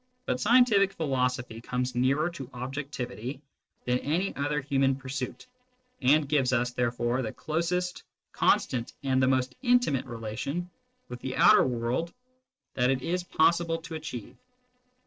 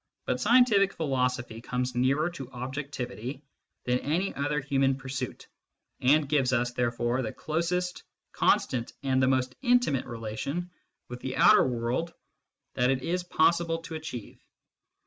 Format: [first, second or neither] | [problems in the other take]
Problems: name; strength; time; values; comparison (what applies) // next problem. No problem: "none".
second | noise reduction (neural separator model SepFormer DNS4)